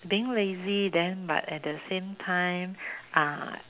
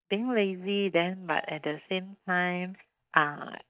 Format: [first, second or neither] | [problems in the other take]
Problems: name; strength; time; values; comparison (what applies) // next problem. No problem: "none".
first | noise reduction (neural mask model DeepFilterNet 3)